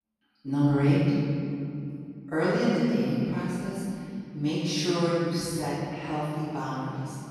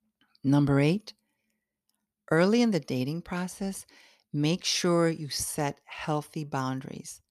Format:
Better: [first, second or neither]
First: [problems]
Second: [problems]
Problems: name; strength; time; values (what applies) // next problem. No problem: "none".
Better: second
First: off-mic speech; far // room echo; strong; dies away in 2.7 s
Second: none